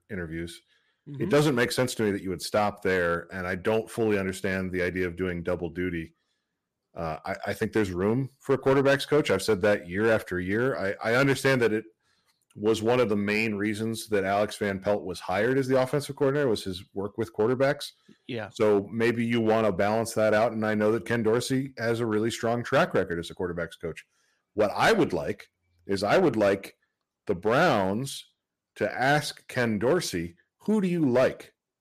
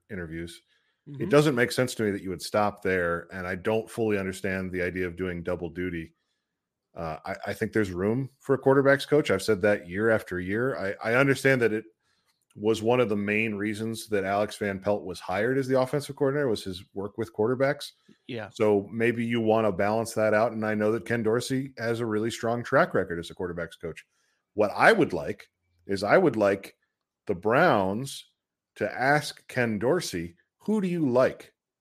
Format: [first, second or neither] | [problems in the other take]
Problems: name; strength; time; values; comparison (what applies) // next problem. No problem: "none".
second | distortion; slight; 3% of the sound clipped